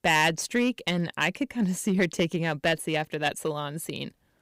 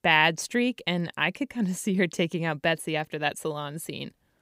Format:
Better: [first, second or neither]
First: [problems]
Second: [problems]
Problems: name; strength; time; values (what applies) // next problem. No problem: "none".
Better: second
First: distortion; slight; 4% of the sound clipped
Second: none